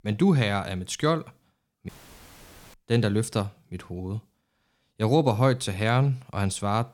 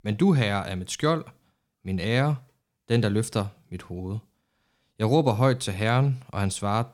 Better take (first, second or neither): second